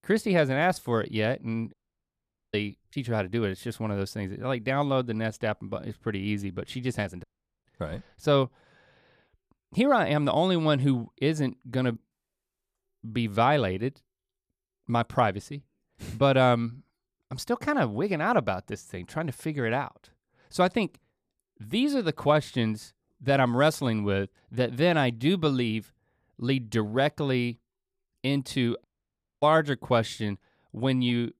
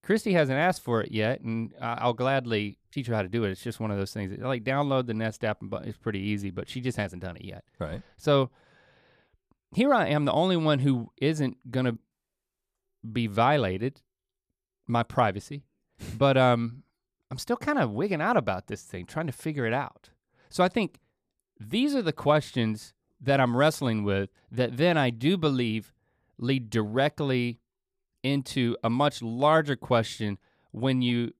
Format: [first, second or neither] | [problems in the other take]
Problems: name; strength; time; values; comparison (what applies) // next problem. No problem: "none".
second | audio cutting out; at 1.5 s for 1 s, at 7 s and at 29 s for 0.5 s